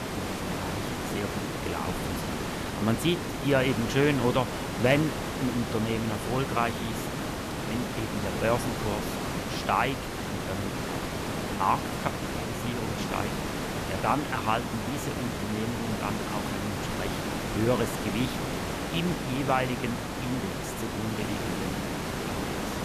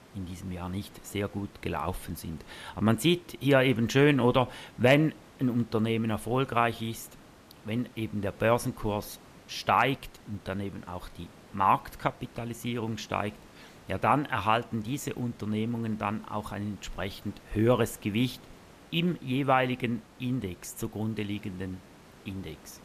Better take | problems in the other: second | hiss; loud; throughout; 1 dB below the speech; faint in the second

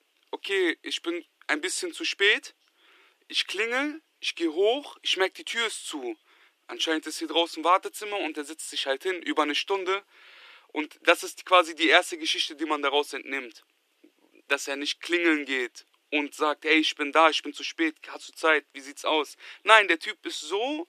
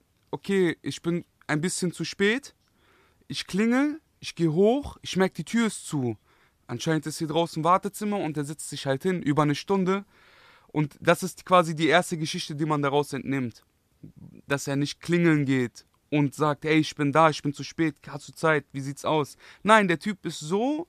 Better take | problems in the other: second | thin; somewhat; fading below 300 Hz

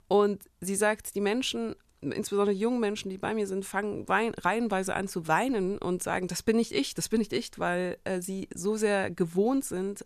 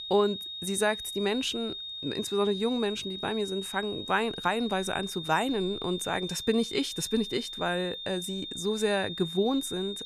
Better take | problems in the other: first | high-pitched whine; loud; throughout; 3.5 kHz, 6 dB below the speech

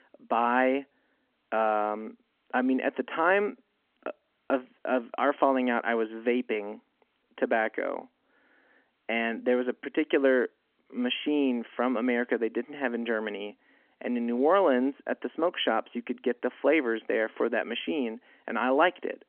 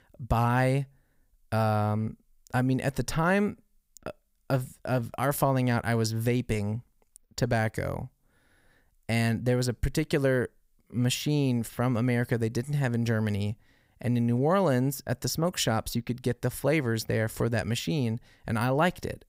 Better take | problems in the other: second | phone-call audio; nothing above 3 kHz

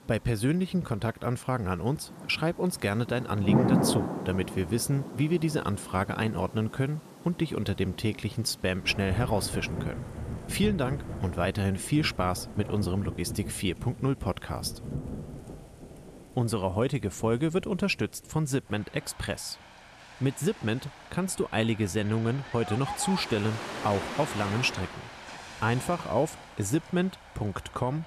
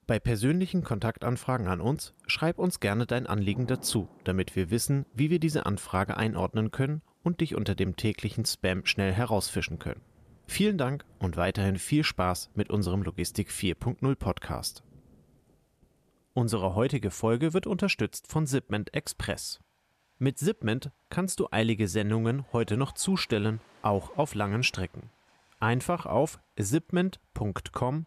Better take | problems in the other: second | rain or running water; loud; throughout; 7 dB below the speech; faint in the second

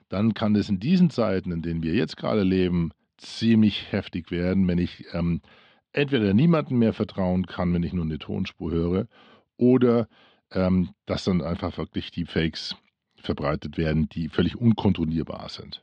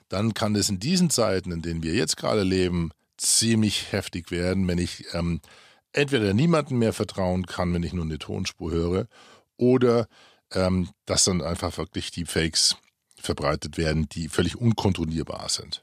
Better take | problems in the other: second | muffled; slightly; fading above 3.5 kHz

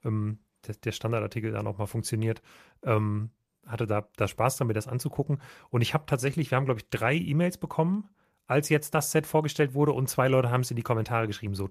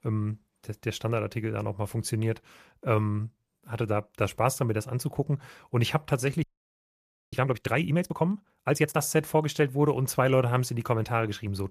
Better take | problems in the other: first | audio freezing; at 6.5 s for 1 s

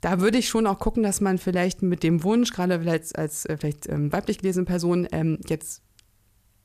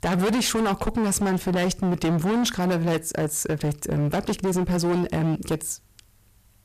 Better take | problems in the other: first | distortion; heavy; 25% of the sound clipped

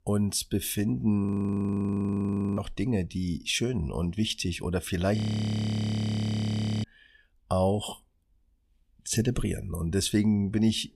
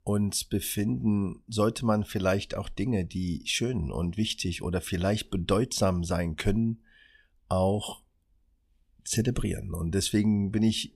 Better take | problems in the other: second | audio freezing; at 1.5 s for 1.5 s and at 5 s for 1.5 s

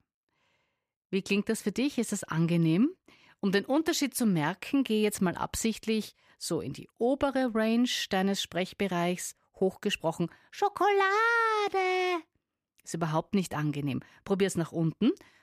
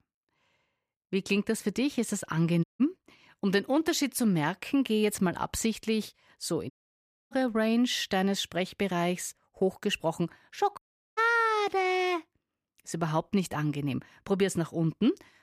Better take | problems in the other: first | audio cutting out; at 2.5 s, at 6.5 s for 0.5 s and at 11 s

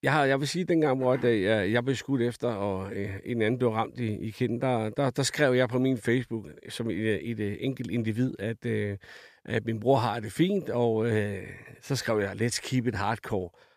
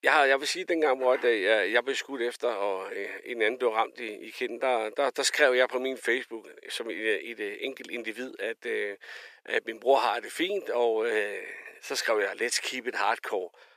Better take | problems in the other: first | thin; very; fading below 400 Hz

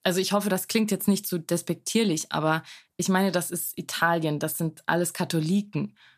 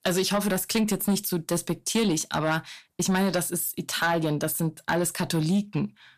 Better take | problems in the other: first | distortion; slight; 10 dB below the speech

